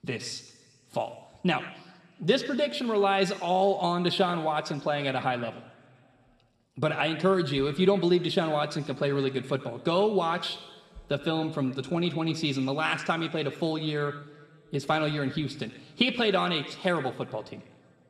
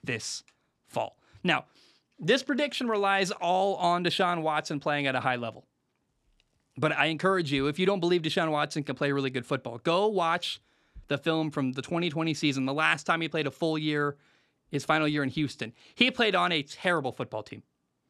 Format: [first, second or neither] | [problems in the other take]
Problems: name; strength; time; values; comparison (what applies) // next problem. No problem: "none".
second | room echo; slight; dies away in 1.7 s